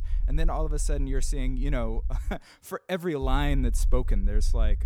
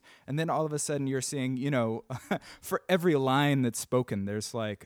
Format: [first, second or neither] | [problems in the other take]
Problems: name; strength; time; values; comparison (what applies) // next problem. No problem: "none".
second | low rumble; faint; until 2.5 s and from 3 s on; 20 dB below the speech